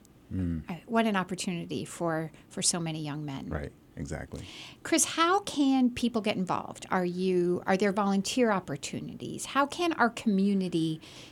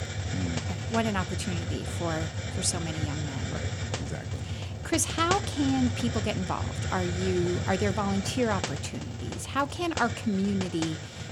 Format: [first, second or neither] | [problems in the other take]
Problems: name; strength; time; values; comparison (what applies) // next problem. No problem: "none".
first | hiss; loud; throughout; 3 dB below the speech